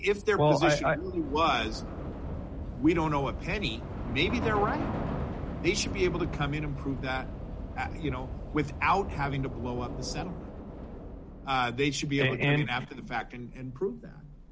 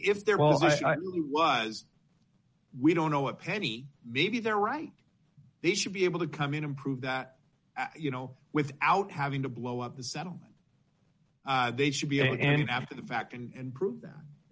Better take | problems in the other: second | background sound (Subway, metro, underground / Train); 7 dB below the speech

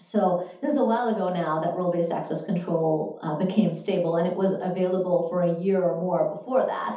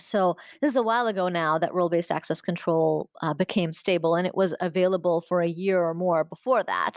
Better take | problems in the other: second | room echo; dies away in 0.6 s

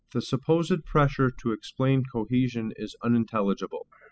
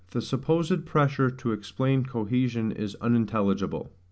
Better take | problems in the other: second | noise reduction (classical method spectral subtraction)

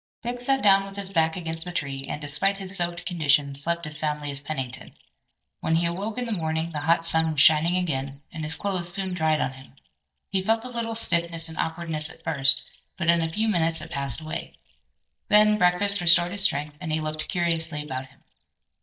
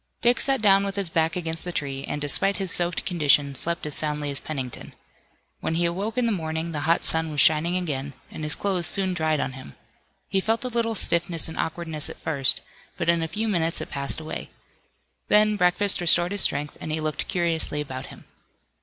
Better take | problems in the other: second | noise reduction (neural mask model DeepFilterNet 3)

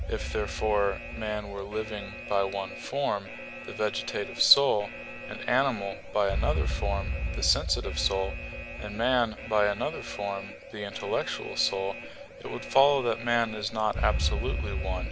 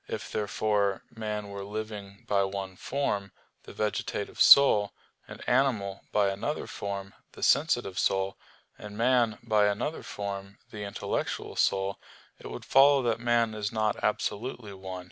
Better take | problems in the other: second | background sound (Alarm); 5 dB below the speech

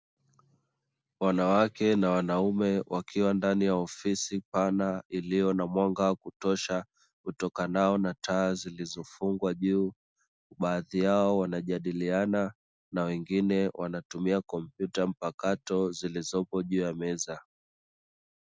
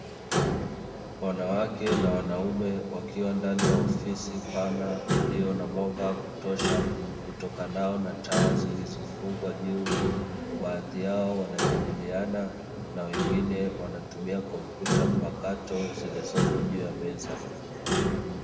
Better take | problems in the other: first | background sound (Clock); 2 dB above the speech // room echo; dies away in 1.6 s

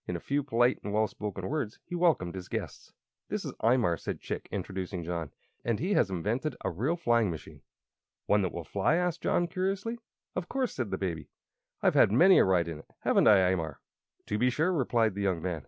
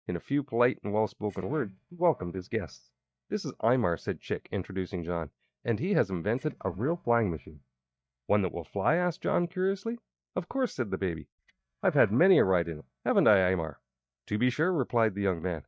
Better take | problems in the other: first | noise reduction (neural mask model DeepFilterNet 3)

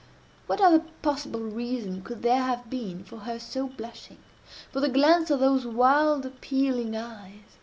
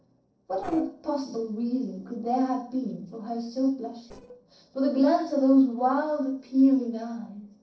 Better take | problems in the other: first | noise reduction (neural separator model SepFormer DNS4)

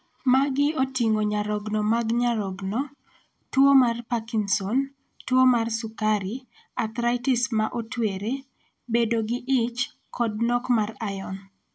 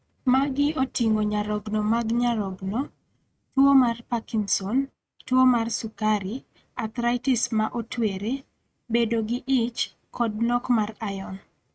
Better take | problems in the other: first | noise reduction (neural mask model RNNoise)

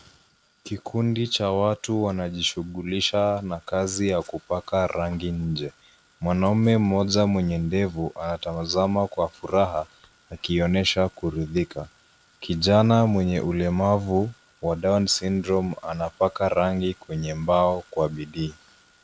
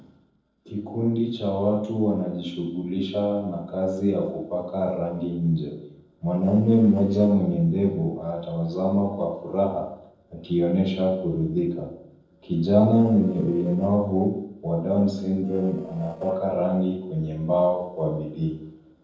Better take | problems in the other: first | noise reduction (neural separator model SepFormer DNS4)

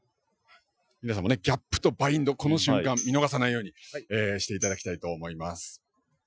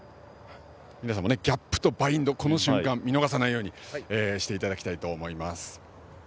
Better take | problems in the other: second | noise reduction (classical method Wiener filter)

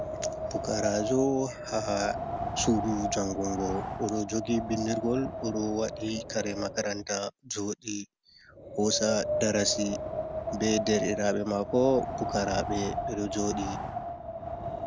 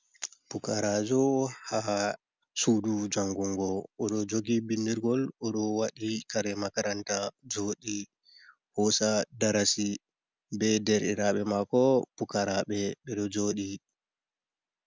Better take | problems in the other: second | background sound (Wind); 5 dB below the speech

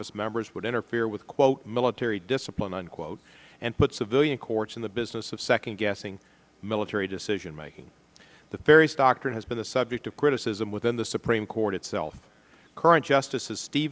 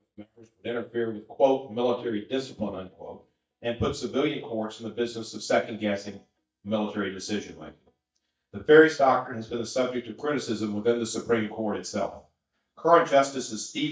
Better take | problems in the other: first | noise reduction (neural mask model DeepFilterNet 3)

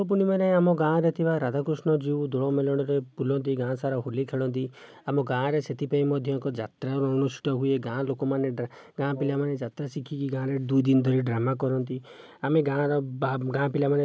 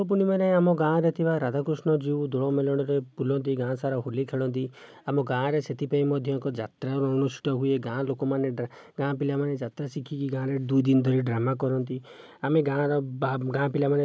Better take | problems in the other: second | background sound (Wind instrument, woodwind instrument); 17 dB below the speech

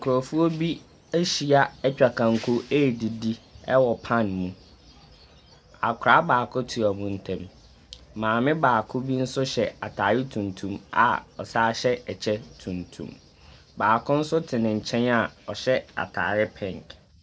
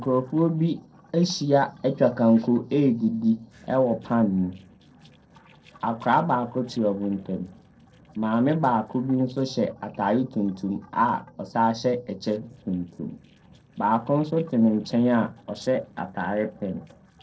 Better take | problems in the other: first | noise reduction (neural separator model SepFormer DNS4)

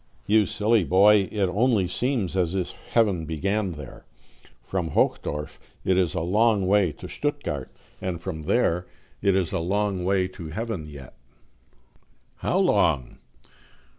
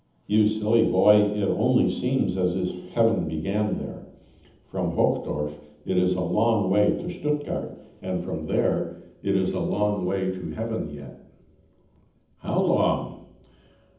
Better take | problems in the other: first | room echo; dies away in 0.8 s

